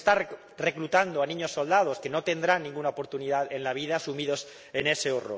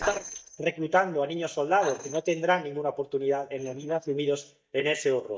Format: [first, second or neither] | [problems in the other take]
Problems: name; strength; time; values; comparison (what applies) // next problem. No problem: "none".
first | noise reduction (neural mask model DeepFilterNet 3)